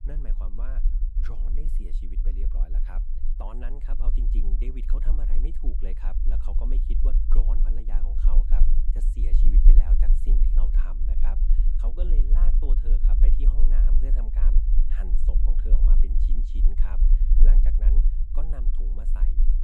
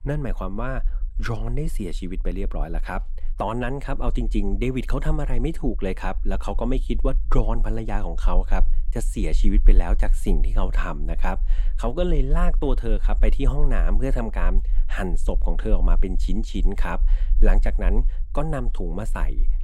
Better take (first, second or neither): second